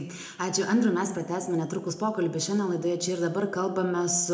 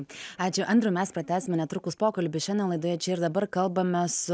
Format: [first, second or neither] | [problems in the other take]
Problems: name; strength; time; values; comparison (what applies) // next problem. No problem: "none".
second | room echo; dies away in 0.6 s